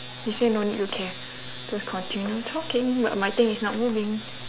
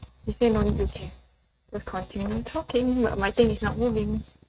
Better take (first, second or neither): first